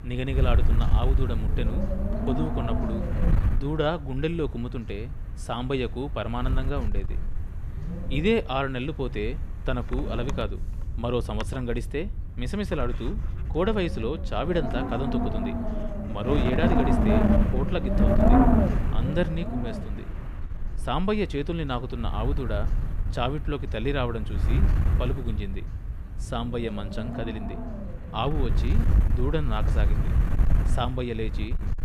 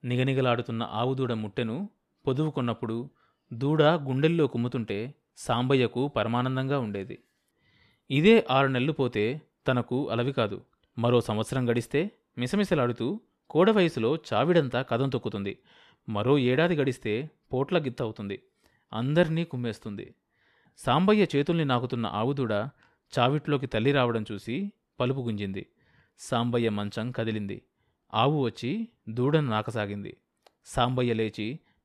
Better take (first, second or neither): second